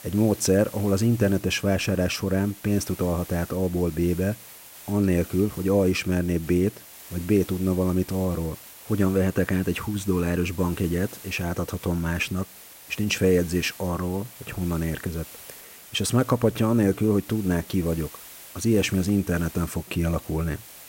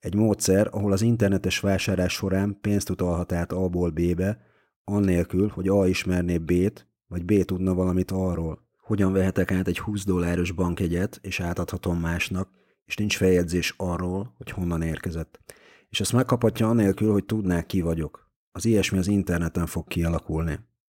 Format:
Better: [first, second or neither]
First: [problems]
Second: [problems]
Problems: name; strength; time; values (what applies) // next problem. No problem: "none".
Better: second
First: hiss; noticeable; throughout; 15 dB below the speech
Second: none